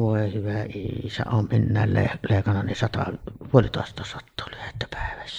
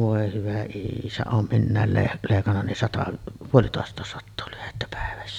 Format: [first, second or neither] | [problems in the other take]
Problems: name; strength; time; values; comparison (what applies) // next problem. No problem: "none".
second | noise reduction (neural mask model Resemble Enhance denoiser)